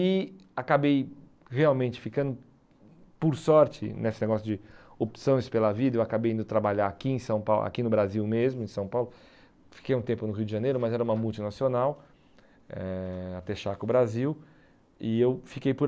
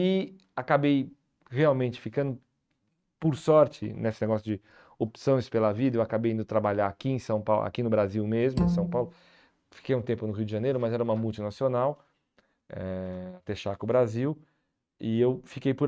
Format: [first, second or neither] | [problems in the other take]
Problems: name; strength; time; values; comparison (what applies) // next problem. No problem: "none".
first | noise reduction (neural mask model RNNoise)